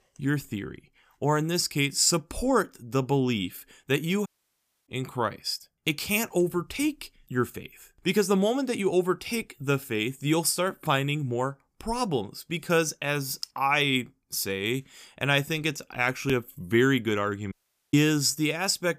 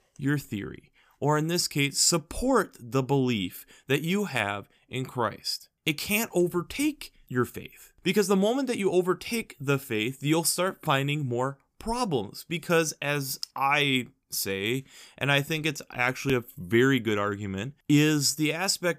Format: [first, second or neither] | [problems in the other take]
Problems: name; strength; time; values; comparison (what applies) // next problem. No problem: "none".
second | audio cutting out; at 4.5 s for 0.5 s and at 18 s